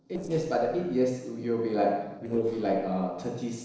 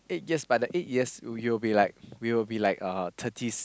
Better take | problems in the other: second | noise reduction (neural separator model SepFormer DNS4)

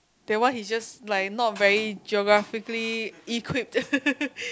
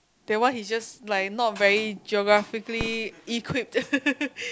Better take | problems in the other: first | background sound (Fireworks); 20 dB below the speech

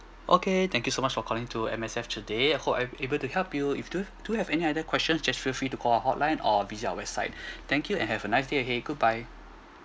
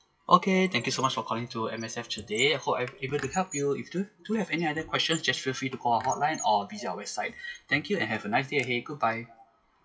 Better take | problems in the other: first | noise reduction (classical method WPE with log-MMSE)

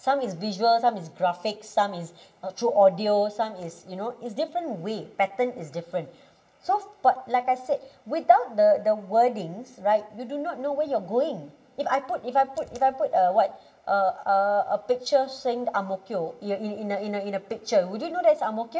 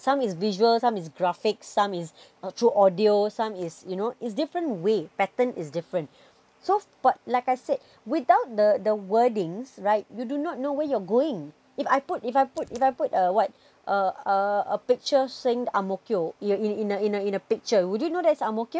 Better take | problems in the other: second | room echo; dies away in 0.7 s

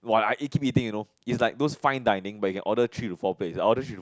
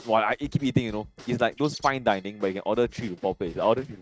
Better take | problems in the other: first | noise reduction (neural mask model RNNoise)

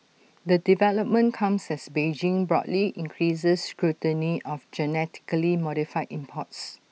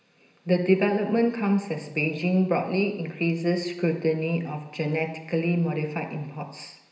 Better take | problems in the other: first | room echo; dies away in 0.9 s

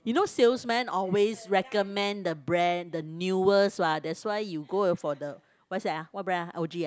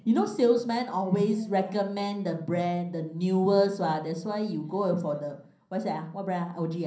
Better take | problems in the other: first | room echo; dies away in 0.6 s

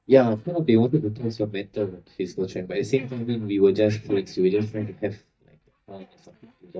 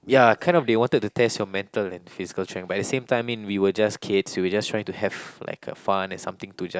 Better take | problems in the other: second | noise reduction (neural mask model DeepFilterNet 3)

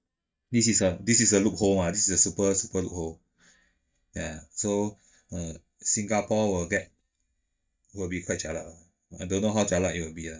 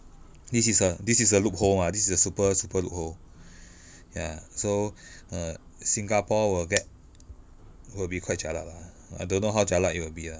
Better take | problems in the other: second | noise reduction (neural mask model DeepFilterNet 3)

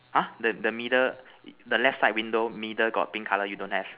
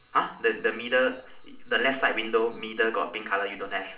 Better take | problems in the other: first | room echo; dies away in 0.4 s

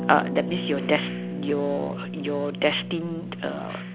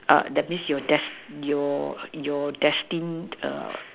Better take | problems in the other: second | background sound (Harp); 5 dB below the speech

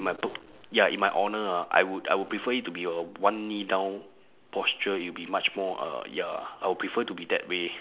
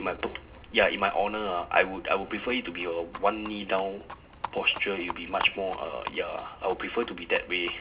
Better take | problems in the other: first | background sound (Livestock, farm animals, working animals); 14 dB below the speech // room echo; dies away in 0.2 s

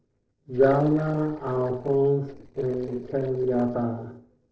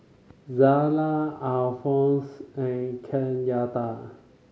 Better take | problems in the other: second | noise reduction (neural separator model SepFormer DNS4)

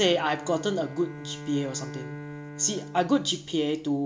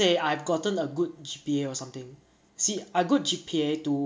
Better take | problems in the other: second | background sound (Bowed string instrument); 13 dB below the speech

